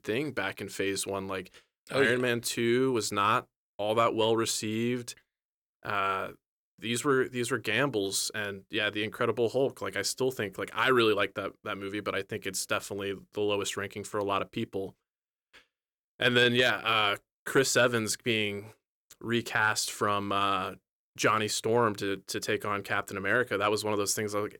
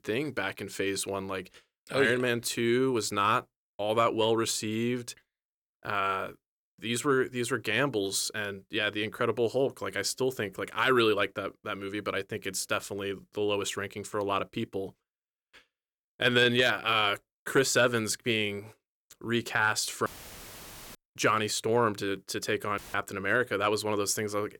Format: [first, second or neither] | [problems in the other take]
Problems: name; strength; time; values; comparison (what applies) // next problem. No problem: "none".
first | audio cutting out; filled with static; at 20 s for 1 s and at 23 s